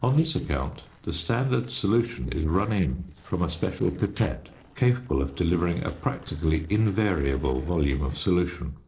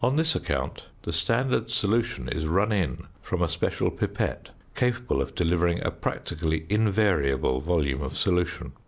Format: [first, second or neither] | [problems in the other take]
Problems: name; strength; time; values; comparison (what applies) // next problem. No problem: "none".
second | noise reduction (neural separator model SepFormer DNS4)